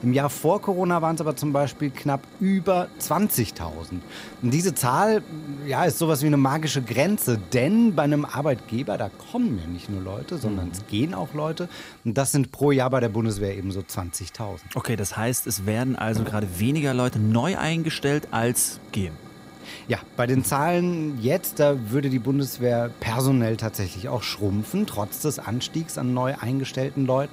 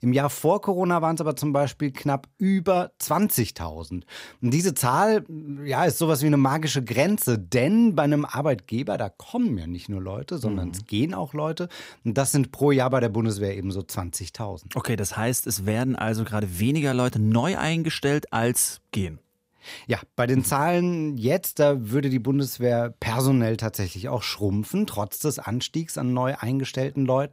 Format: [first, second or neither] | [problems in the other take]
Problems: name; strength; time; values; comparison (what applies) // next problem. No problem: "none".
second | hiss; noticeable; throughout; 20 dB below the speech